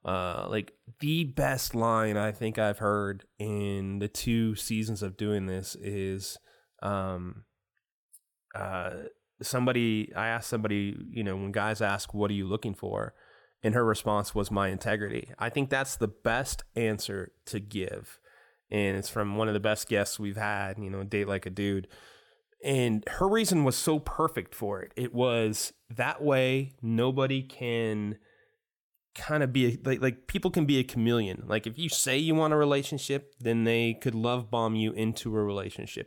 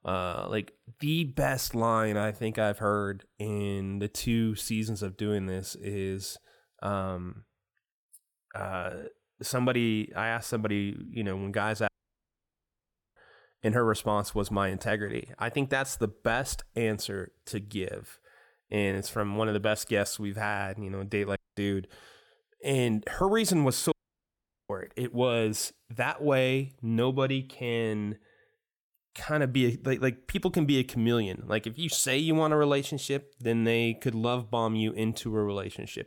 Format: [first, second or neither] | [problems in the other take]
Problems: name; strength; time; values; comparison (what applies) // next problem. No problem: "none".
first | audio cutting out; at 12 s for 1.5 s, at 21 s and at 24 s for 1 s